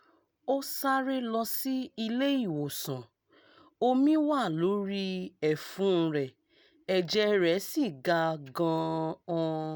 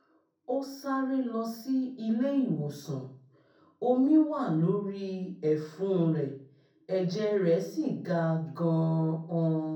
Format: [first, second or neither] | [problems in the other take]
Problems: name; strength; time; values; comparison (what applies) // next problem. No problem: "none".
first | room echo; dies away in 0.6 s